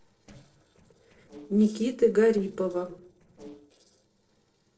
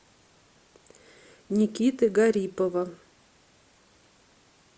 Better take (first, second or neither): second